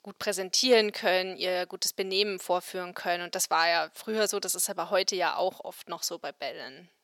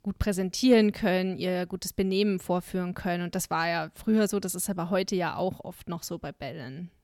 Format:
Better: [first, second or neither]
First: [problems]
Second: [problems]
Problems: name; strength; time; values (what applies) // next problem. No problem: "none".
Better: second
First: thin; very; fading below 550 Hz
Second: none